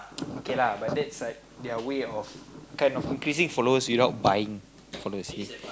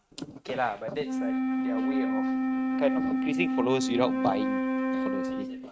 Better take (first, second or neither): first